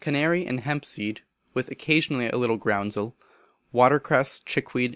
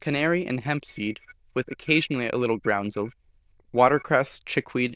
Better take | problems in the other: first | noise reduction (neural diffusion model UNIVERSE++)

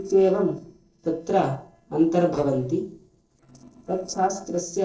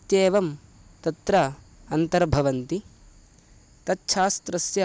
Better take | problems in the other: second | noise reduction (neural separator model SepFormer DNS4)

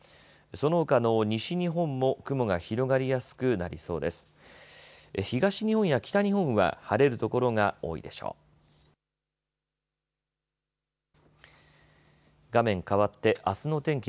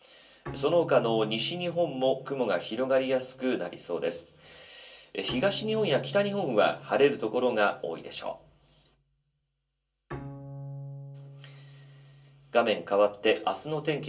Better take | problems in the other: first | background sound (Bowed string instrument); 16 dB below the speech // room echo; dies away in 0.2 s

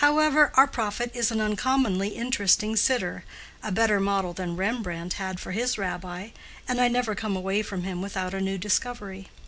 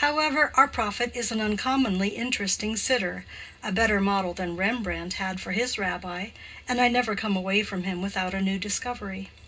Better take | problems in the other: first | room echo; dies away in 0.2 s

